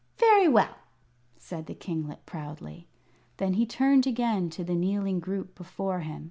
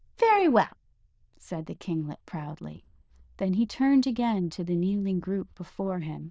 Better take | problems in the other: first | noise reduction (neural diffusion model UNIVERSE++)

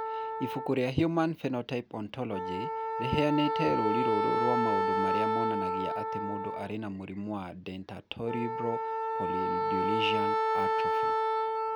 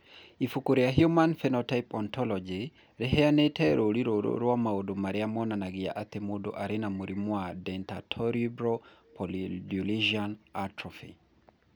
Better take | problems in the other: second | background sound (Wind instrument, woodwind instrument); 2 dB above the speech

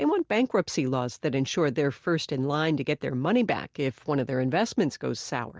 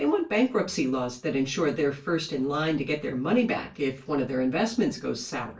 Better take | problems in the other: first | room echo; dies away in 0.3 s

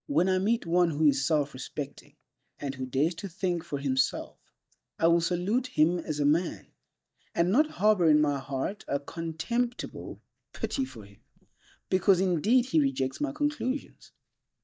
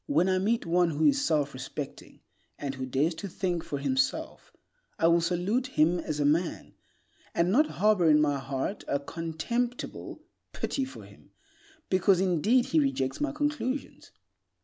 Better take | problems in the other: second | noise reduction (neural mask model DeepFilterNet 3)

